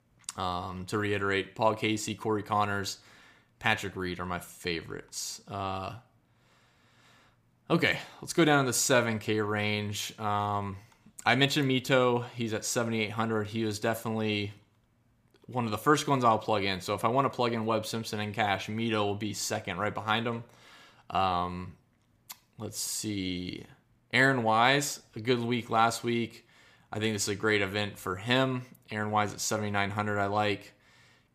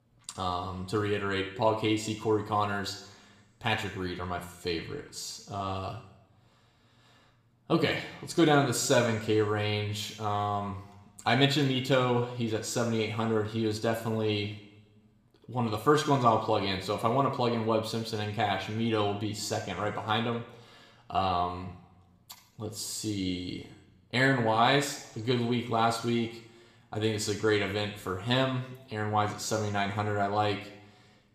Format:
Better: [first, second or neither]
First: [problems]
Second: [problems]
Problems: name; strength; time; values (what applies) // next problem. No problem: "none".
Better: first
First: none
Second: room echo; slight; dies away in 0.8 s